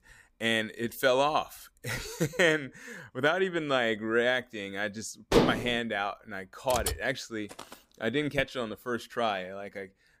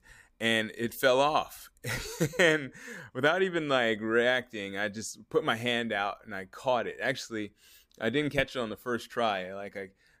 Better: second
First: clattering dishes; loud; at 5.5 s; peak 3 dB above the speech // keyboard typing; noticeable; at 6.5 s; peak 3 dB below the speech // footsteps; faint; at 7.5 s; peak 15 dB below the speech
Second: none

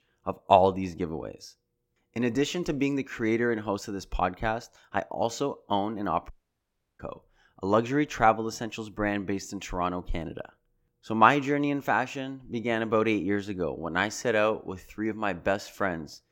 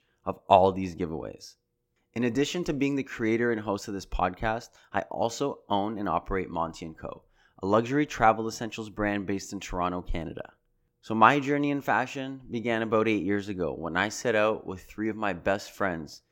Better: second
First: audio cutting out; at 6.5 s for 0.5 s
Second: none

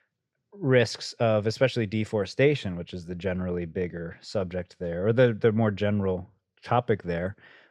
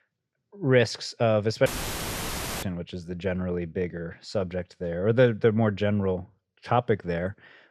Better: first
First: none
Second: audio cutting out; filled with static; at 1.5 s for 1 s

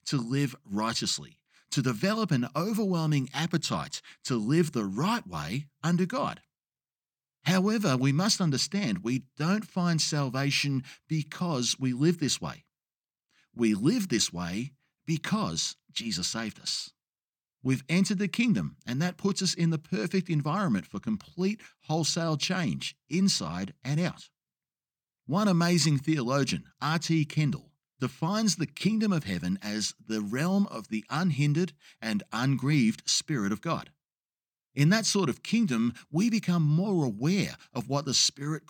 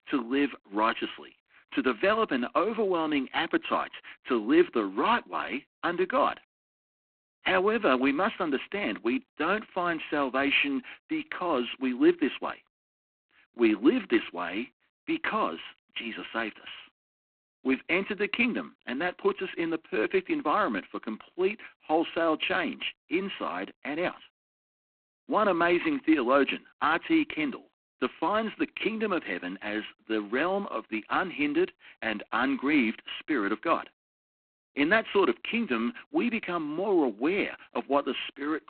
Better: first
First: none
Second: phone-call audio; poor line

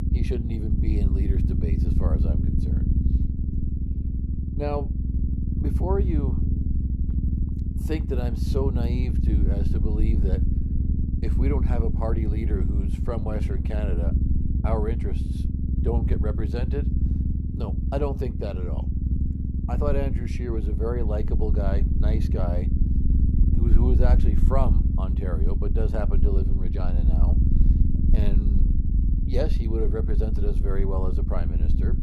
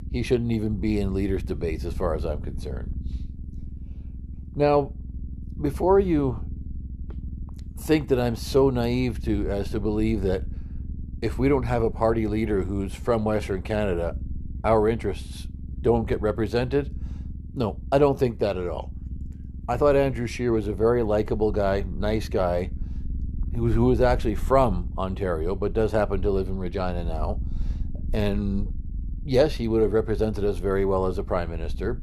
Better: second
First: low rumble; loud; throughout; 4 dB below the speech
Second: low rumble; faint; throughout; 25 dB below the speech

